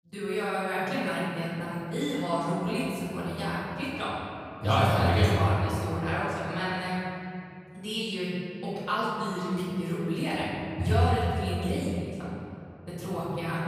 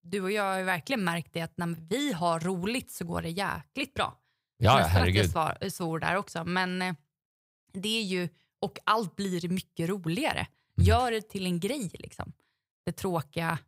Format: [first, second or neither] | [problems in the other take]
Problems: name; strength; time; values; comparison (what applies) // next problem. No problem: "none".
second | off-mic speech; far // room echo; strong; dies away in 2.4 s